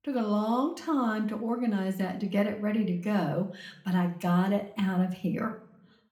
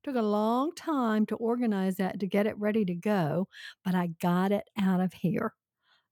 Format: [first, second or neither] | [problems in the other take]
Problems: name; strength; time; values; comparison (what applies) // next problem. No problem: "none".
second | room echo; very slight; dies away in 0.5 s